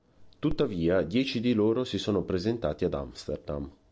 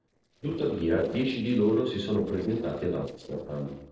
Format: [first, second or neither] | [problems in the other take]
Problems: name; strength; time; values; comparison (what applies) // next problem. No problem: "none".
first | noise reduction (neural separator model SepFormer DNS4)